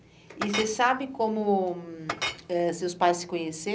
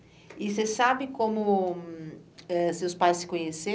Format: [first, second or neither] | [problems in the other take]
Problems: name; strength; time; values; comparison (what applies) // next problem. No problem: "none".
second | background sound (Chink, clink); 10 dB below the speech